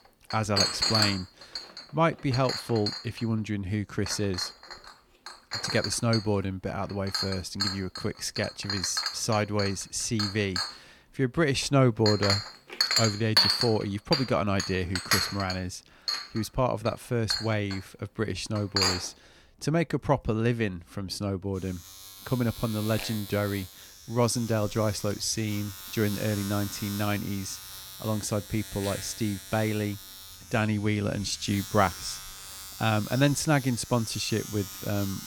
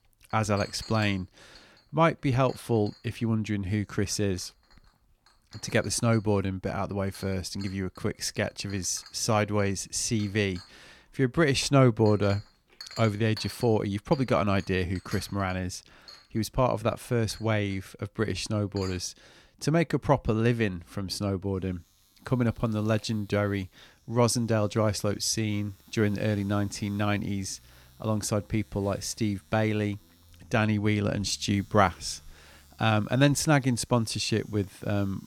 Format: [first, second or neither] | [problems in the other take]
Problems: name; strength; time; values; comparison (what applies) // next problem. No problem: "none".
second | household noises; loud; throughout; 3 dB below the speech; faint in the second